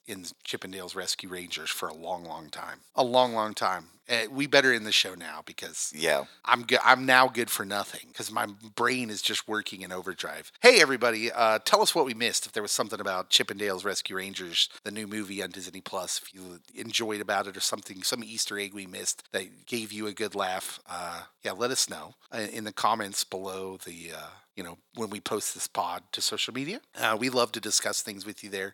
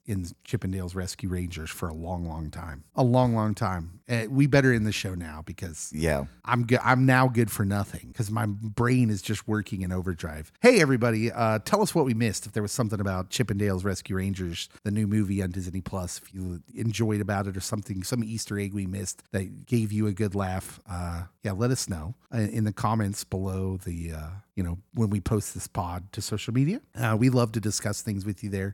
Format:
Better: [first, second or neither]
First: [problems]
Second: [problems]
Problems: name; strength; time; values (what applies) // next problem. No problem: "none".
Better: second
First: thin; very; fading below 500 Hz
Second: none